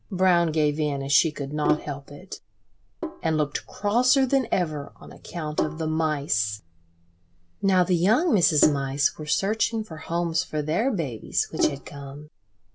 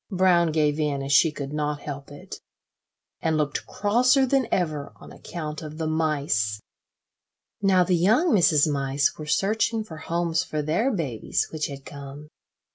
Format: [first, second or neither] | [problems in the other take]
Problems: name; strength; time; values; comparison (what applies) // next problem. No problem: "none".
second | background sound (Sink (filling or washing)); 10 dB below the speech